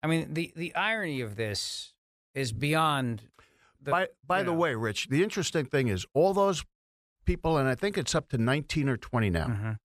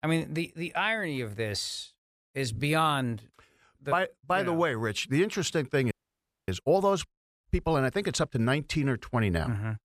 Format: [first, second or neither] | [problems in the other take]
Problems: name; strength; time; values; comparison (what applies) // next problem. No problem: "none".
first | audio freezing; at 6 s for 0.5 s